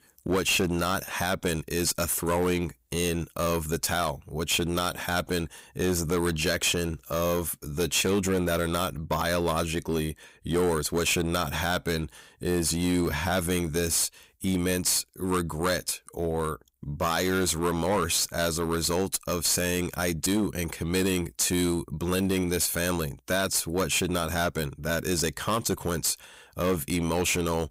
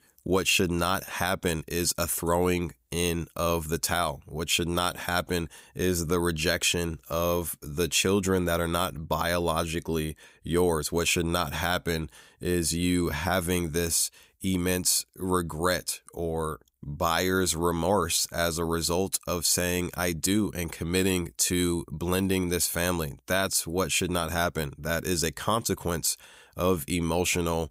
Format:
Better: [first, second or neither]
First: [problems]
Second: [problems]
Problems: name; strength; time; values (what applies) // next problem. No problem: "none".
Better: second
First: distortion; slight; 9% of the sound clipped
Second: none